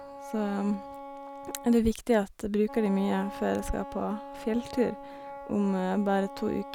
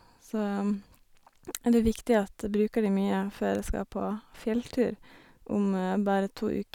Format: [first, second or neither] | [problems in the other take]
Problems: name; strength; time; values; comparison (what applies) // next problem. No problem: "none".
second | background sound (Wind instrument, woodwind instrument); 13 dB below the speech